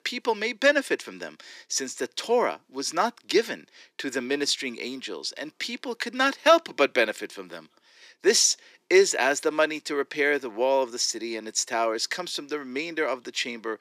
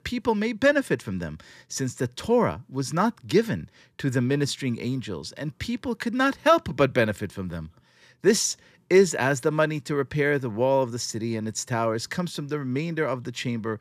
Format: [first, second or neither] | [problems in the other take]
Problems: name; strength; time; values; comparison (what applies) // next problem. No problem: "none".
second | thin; somewhat; fading below 300 Hz